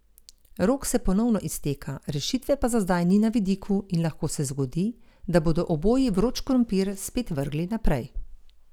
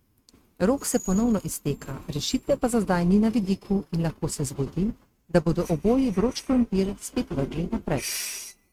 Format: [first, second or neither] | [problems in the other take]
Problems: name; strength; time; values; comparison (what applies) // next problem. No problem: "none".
first | noise reduction (neural mask model RNNoise)